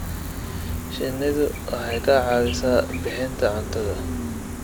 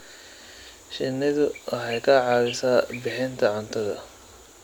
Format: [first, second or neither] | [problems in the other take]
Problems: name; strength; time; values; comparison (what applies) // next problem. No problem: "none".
second | background sound (Gull, seagull); 5 dB below the speech